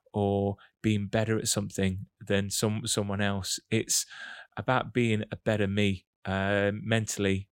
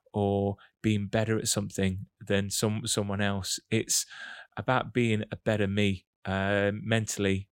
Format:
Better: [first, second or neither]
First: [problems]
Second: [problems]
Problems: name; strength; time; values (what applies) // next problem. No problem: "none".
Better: neither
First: none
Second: none